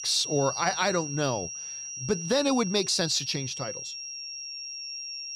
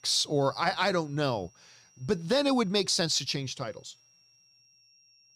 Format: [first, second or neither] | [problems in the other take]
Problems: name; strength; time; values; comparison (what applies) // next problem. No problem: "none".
second | high-pitched whine; loud; throughout; 5.5 kHz, 7 dB below the speech; faint in the second